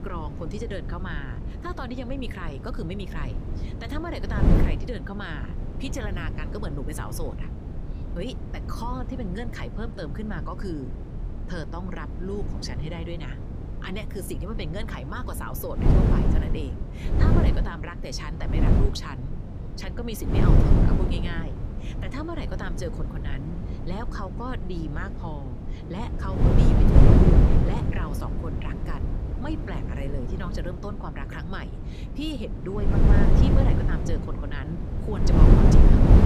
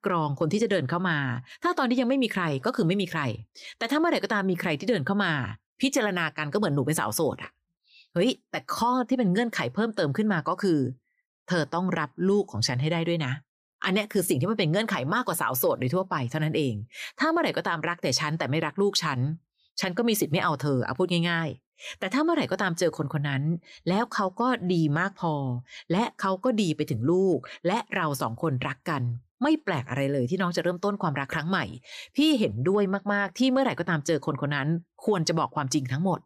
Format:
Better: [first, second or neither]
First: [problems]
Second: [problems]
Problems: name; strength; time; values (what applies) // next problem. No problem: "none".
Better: second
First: wind noise on the microphone; heavy; 2 dB above the speech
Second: none